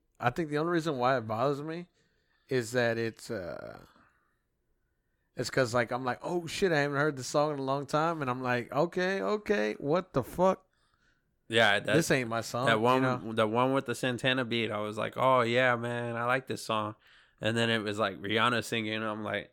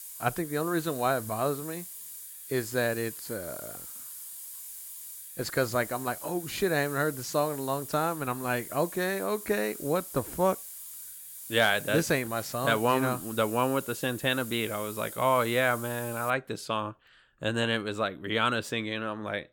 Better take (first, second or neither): first